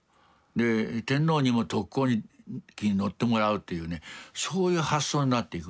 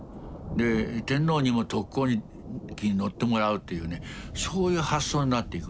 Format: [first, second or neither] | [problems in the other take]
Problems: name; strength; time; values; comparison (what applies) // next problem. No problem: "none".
first | background sound (Thunder); 12 dB below the speech